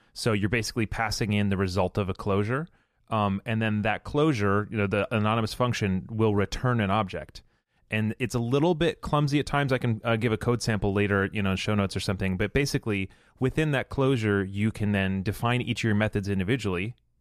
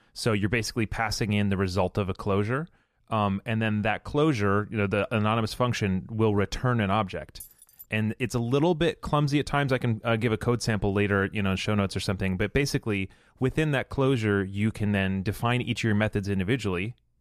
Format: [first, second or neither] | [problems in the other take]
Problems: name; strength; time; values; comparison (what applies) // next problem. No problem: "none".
first | jangling keys; faint; at 7.5 s; peak 20 dB below the speech